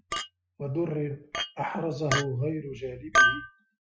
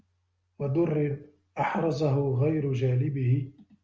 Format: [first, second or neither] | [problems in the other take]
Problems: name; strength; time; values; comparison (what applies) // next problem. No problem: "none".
second | noise reduction (classical method Wiener filter)